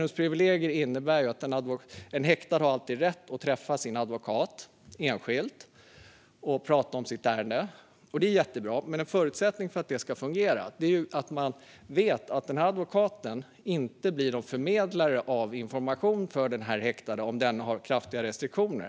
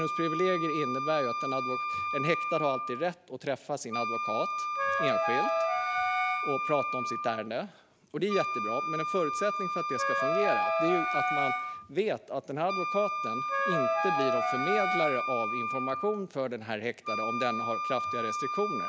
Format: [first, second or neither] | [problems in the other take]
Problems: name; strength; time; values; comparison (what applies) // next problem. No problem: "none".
first | background sound (Wind instrument, woodwind instrument + Wind instrument, woodwind instrument); 2 dB above the speech